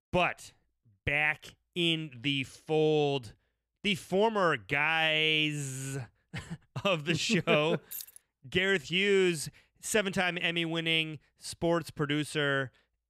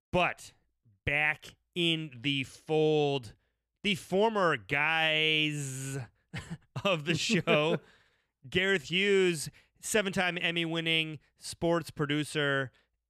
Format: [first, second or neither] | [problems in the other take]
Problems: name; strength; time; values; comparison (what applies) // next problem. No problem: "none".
second | jangling keys; faint; at 8 s; peak 10 dB below the speech